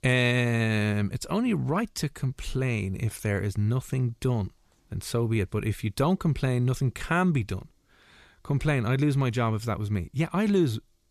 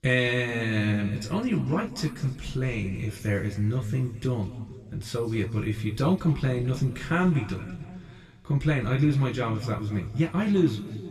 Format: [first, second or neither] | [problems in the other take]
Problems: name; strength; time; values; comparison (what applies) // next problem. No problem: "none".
first | room echo; slight; dies away in 1.9 s // off-mic speech; far